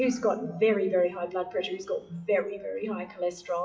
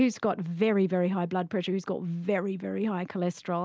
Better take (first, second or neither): second